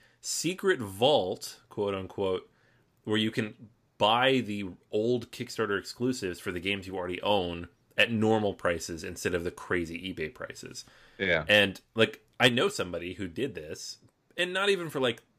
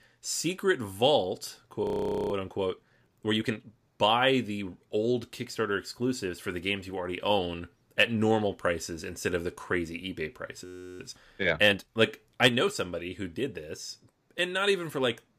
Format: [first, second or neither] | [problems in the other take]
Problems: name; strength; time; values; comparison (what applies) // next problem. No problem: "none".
first | audio freezing; at 2 s and at 11 s